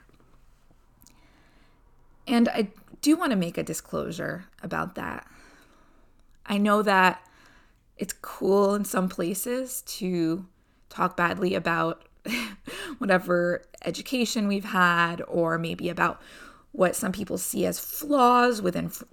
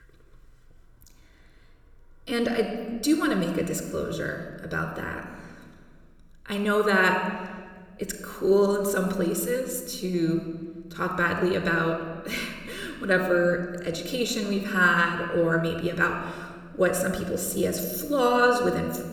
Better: first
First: none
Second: room echo; slight; dies away in 1.3 s

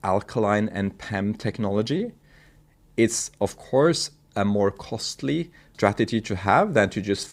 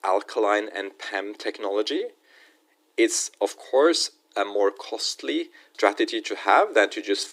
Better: first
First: none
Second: thin; very; fading below 300 Hz

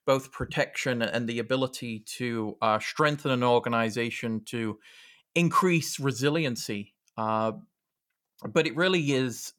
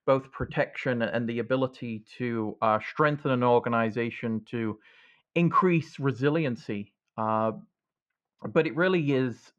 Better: first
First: none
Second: muffled; very; fading above 2 kHz

